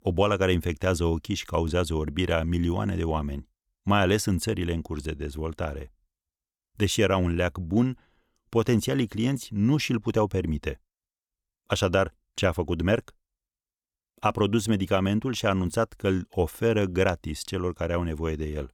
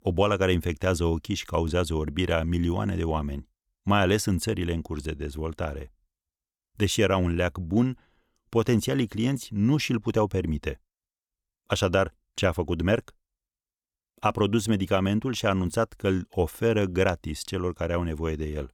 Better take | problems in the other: neither | none

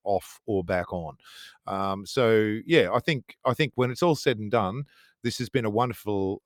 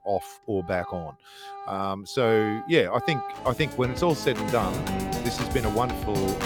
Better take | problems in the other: first | background music; loud; throughout; 7 dB below the speech

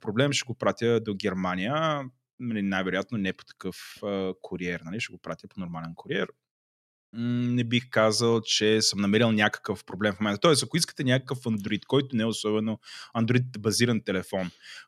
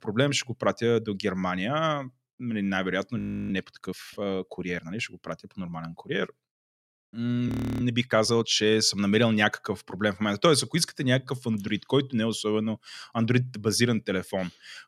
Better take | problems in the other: first | audio freezing; at 3 s and at 7.5 s

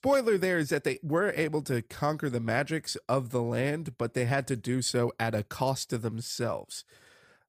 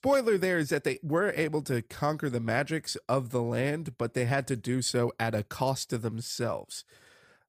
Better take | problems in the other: neither | none

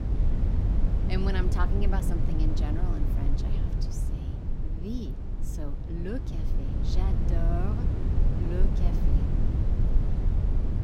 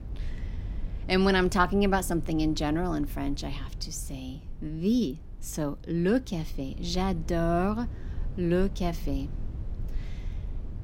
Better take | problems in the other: second | low rumble; loud; throughout; 1 dB below the speech; faint in the second

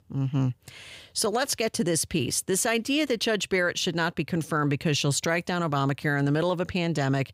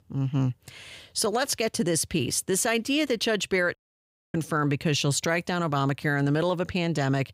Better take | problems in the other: first | audio cutting out; at 4 s for 0.5 s

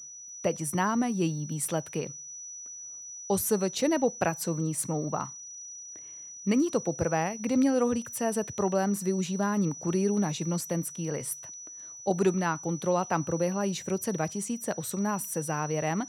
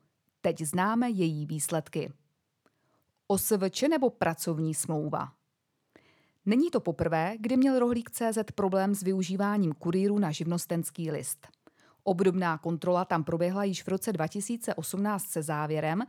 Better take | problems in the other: second | high-pitched whine; noticeable; throughout; 6 kHz, 10 dB below the speech

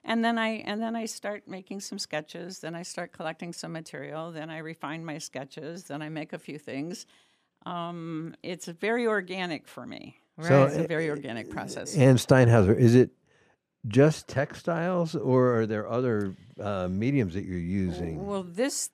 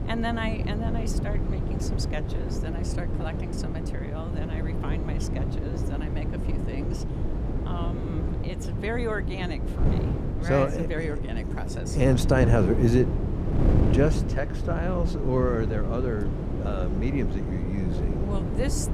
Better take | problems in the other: first | wind noise on the microphone; heavy; 5 dB below the speech

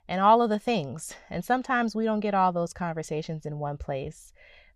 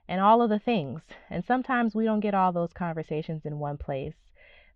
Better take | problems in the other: first | muffled; slightly; fading above 3 kHz

